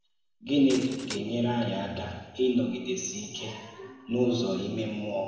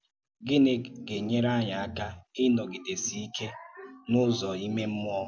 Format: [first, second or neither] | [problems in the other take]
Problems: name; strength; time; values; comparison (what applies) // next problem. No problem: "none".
second | background sound (Glass); 13 dB below the speech // room echo; dies away in 1.2 s